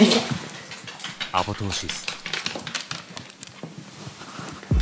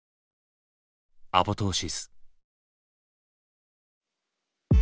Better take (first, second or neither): second